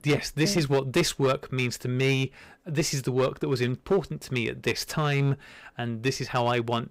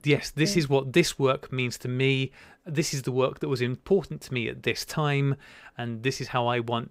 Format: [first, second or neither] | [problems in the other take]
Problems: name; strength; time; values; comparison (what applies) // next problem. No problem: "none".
second | distortion; slight; 6% of the sound clipped